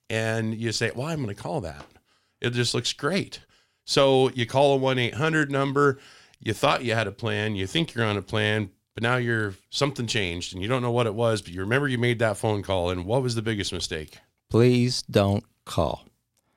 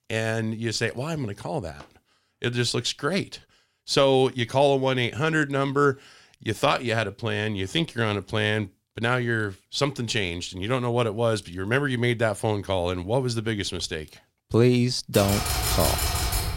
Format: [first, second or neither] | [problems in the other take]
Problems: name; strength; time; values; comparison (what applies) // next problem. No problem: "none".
first | keyboard typing; loud; from 15 s on; peak 2 dB above the speech